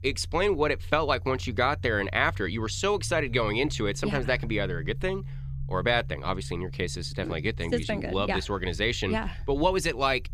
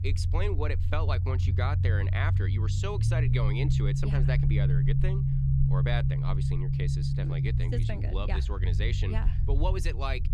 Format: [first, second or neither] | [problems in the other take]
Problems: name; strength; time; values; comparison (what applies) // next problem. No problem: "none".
first | low rumble; loud; throughout; 3 dB below the speech; faint in the first